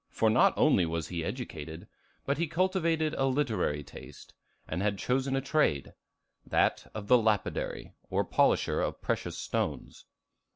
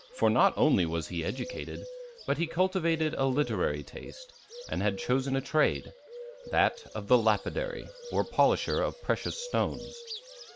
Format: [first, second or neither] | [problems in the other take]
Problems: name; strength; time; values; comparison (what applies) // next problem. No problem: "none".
first | background sound (Bird); 15 dB below the speech